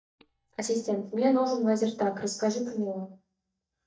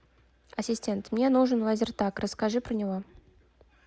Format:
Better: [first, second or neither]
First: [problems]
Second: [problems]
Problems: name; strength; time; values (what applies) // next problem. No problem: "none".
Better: second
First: noise reduction (neural mask model DeepFilterNet 3)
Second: none